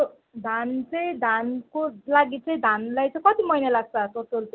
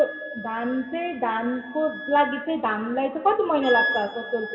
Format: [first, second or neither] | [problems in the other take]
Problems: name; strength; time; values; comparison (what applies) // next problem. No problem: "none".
first | background sound (Wind instrument, woodwind instrument); 9 dB below the speech // room echo; dies away in 1.7 s